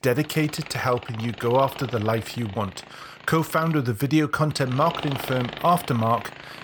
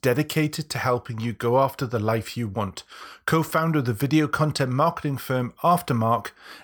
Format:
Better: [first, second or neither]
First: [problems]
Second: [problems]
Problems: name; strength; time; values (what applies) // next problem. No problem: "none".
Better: second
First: machinery noise; noticeable; throughout; 15 dB below the speech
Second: none